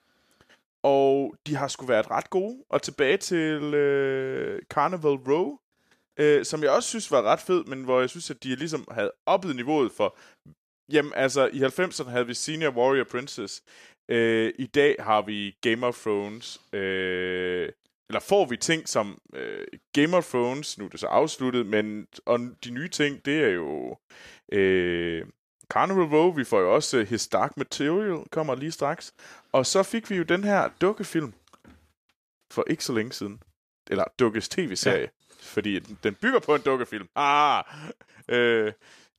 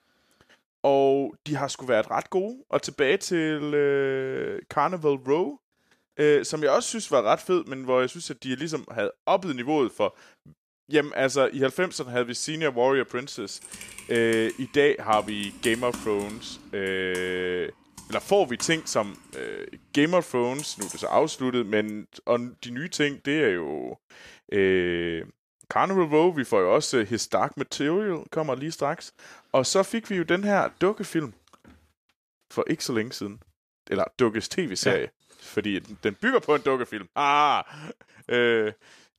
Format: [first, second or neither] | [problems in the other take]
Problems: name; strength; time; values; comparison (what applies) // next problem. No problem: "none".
first | keyboard typing; noticeable; from 14 to 21 s; peak 9 dB below the speech